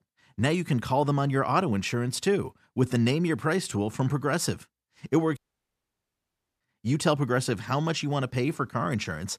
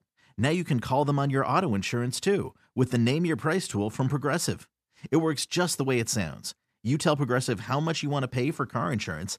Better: second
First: audio cutting out; at 5.5 s for 1 s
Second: none

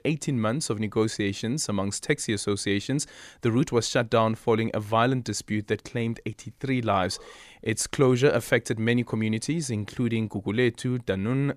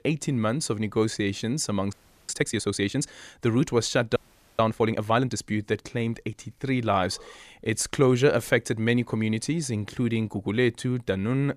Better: first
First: none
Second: audio freezing; at 2 s and at 4 s

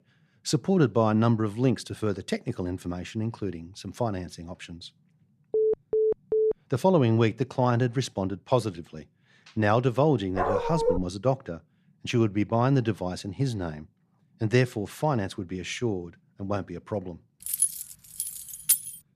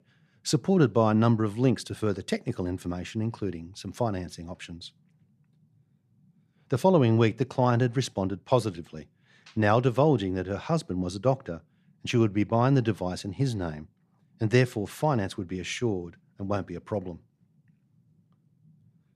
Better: second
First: phone ringing; loud; at 5.5 s; peak 1 dB above the speech // dog barking; loud; at 10 s; peak level with the speech // jangling keys; loud; from 17 s on; peak 4 dB above the speech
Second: none

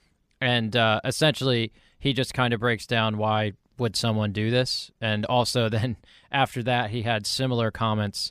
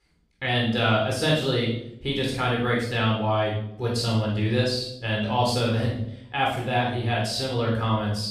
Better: first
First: none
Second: off-mic speech; far // room echo; noticeable; dies away in 0.6 s

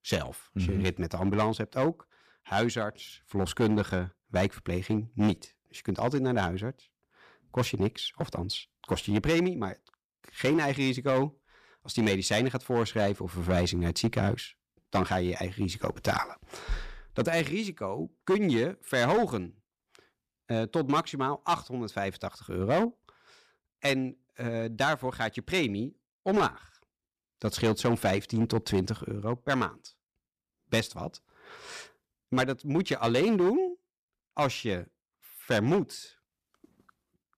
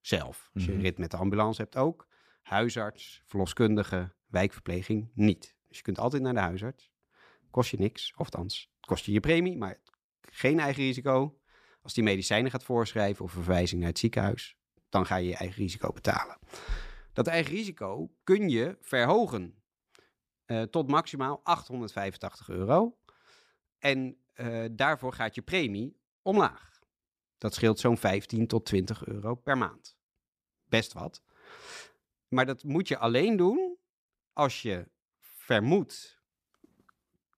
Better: second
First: distortion; slight; 4% of the sound clipped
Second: none

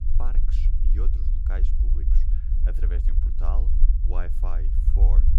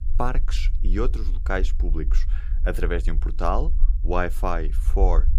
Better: second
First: low rumble; loud; throughout; 3 dB below the speech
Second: low rumble; faint; throughout; 20 dB below the speech

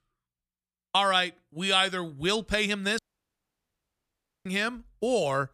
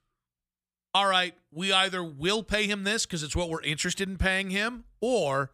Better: second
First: audio cutting out; at 3 s for 1.5 s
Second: none

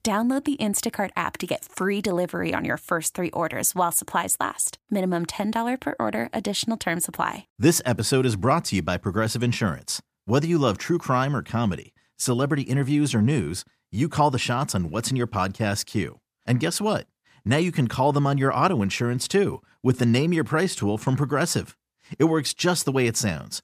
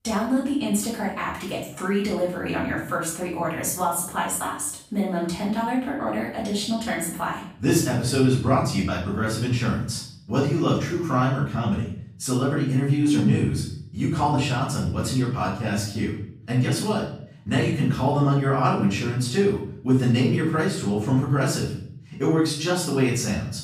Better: first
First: none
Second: off-mic speech; far // room echo; noticeable; dies away in 0.6 s

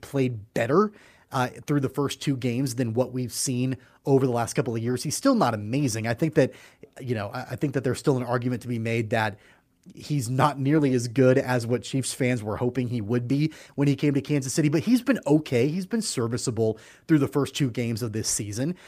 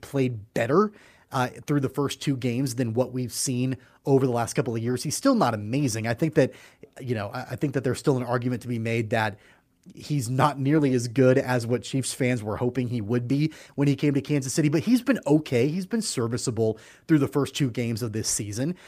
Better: neither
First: none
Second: none

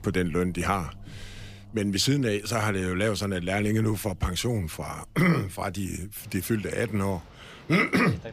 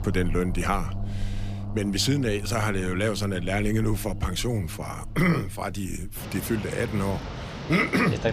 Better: first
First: traffic noise; faint; throughout; 25 dB below the speech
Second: traffic noise; loud; throughout; 9 dB below the speech

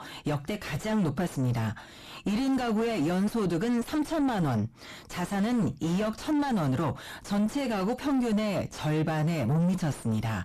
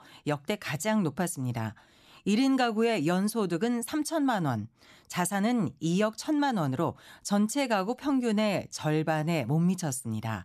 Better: second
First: distortion; heavy; 4 dB below the speech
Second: none

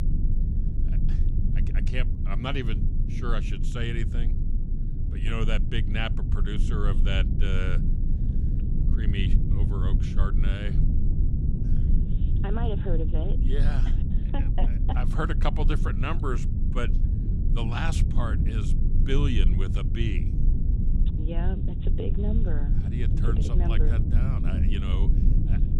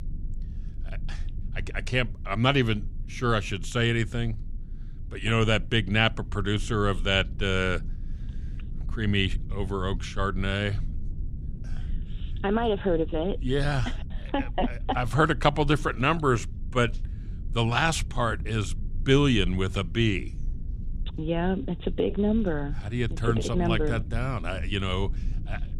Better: second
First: low rumble; loud; throughout; 5 dB below the speech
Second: low rumble; faint; throughout; 25 dB below the speech

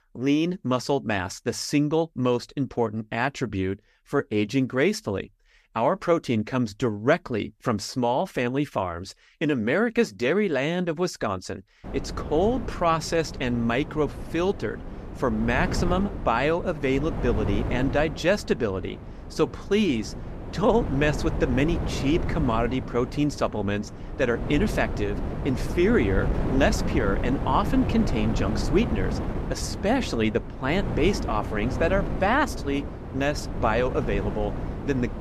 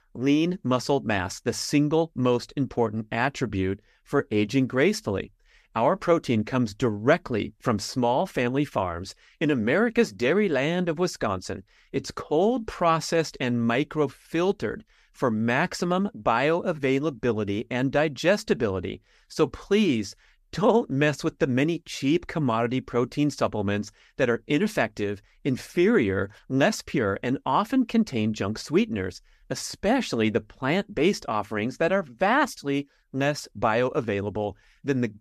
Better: second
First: wind noise on the microphone; occasional gusts; from 12 s on; 10 dB below the speech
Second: none

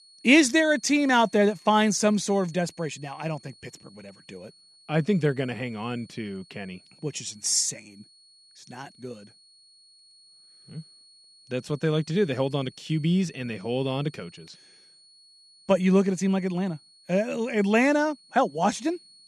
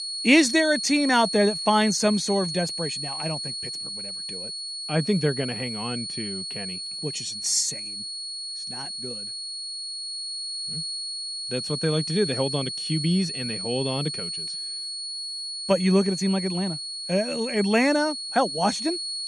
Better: first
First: high-pitched whine; faint; throughout; 4.5 kHz, 30 dB below the speech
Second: high-pitched whine; loud; throughout; 4.5 kHz, 5 dB below the speech

